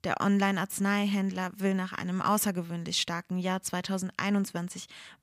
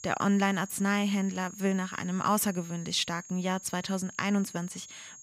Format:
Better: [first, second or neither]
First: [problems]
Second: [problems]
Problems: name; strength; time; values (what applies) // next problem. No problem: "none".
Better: first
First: none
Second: high-pitched whine; noticeable; throughout; 6.5 kHz, 15 dB below the speech